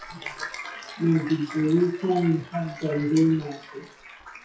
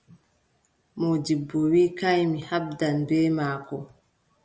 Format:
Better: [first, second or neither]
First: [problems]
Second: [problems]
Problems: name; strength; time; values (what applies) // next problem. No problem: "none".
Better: second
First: noise reduction (classical method WPE with log-MMSE)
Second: none